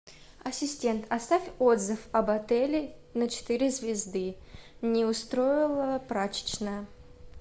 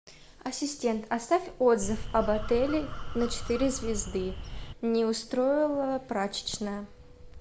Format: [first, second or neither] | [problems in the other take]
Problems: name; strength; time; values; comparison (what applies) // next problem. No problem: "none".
first | background sound (Crow); 6 dB below the speech